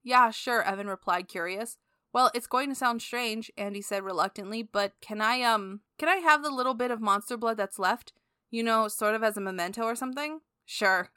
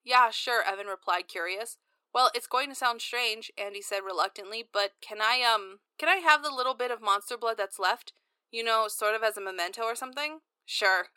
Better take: first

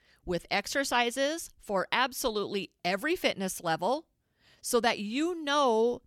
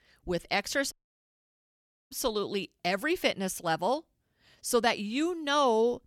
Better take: first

